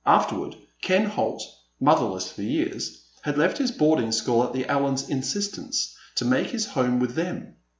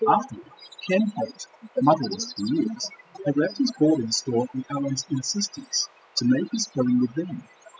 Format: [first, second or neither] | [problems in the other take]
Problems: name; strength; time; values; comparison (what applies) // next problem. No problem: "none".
first | noise reduction (classical method spectral subtraction)